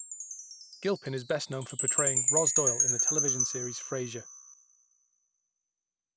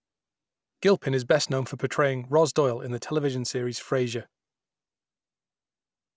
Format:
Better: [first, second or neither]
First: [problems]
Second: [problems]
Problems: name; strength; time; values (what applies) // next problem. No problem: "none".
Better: second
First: background sound (Chime); 5 dB above the speech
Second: none